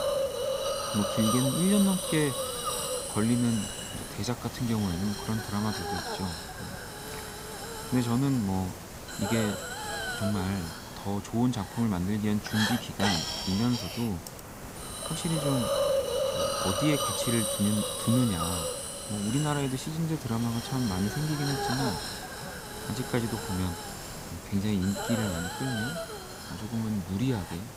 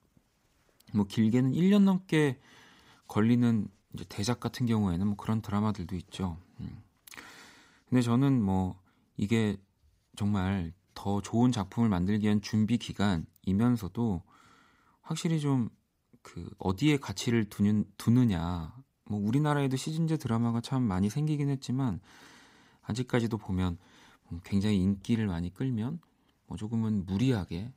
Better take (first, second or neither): second